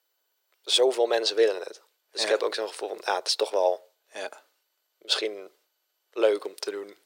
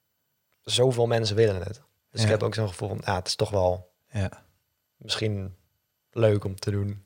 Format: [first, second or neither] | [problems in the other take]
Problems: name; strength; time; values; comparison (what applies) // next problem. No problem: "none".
second | thin; very; fading below 350 Hz